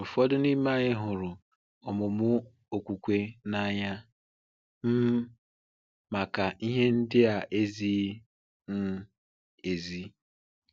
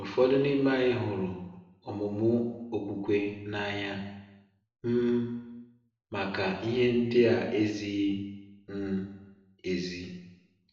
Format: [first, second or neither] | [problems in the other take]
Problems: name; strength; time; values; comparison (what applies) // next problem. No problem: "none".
first | room echo; dies away in 0.9 s